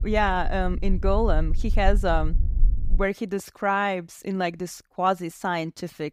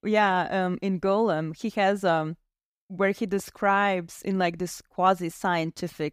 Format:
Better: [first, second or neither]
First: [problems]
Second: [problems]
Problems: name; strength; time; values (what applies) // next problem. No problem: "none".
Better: second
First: low rumble; faint; until 3 s; 25 dB below the speech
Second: none